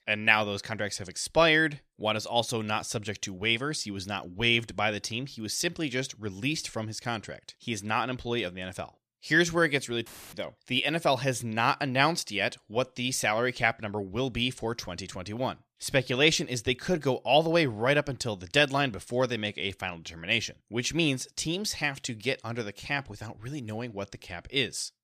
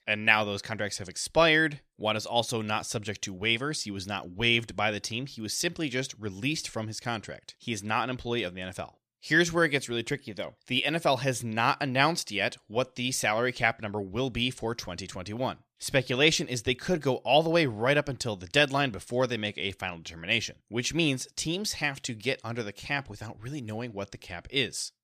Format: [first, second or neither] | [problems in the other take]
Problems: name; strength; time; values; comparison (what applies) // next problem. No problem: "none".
second | audio cutting out; filled with static; at 10 s